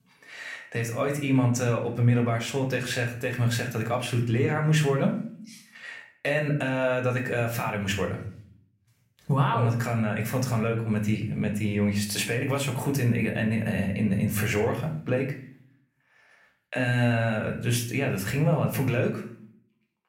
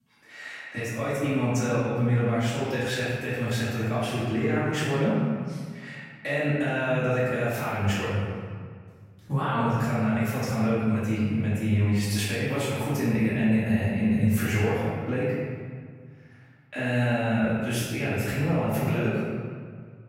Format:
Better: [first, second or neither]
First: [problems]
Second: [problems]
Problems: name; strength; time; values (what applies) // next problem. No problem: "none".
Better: first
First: room echo; slight; dies away in 0.5 s // off-mic speech; somewhat distant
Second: room echo; strong; dies away in 1.8 s // off-mic speech; far